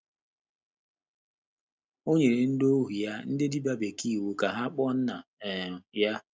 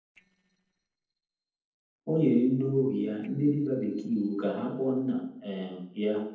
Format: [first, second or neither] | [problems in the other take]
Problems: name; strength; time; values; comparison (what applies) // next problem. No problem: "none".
first | noise reduction (neural separator model SepFormer DNS4)